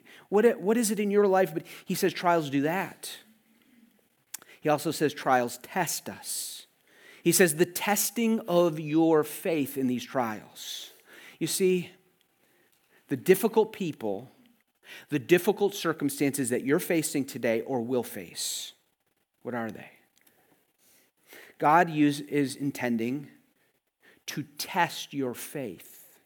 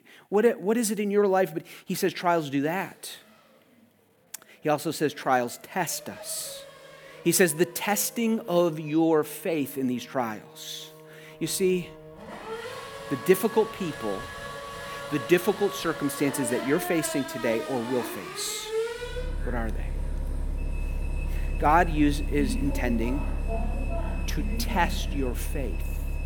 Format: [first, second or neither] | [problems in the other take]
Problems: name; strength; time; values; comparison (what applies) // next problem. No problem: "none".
first | traffic noise; loud; throughout; 7 dB below the speech